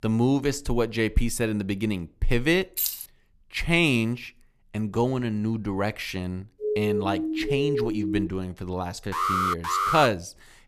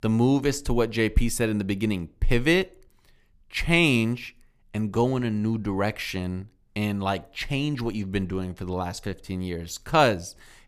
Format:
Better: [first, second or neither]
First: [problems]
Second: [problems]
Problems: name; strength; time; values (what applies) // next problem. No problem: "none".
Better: second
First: jangling keys; noticeable; at 3 s; peak level with the speech // siren; loud; from 6.5 to 8.5 s; peak level with the speech // alarm; loud; at 9 s; peak 3 dB above the speech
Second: none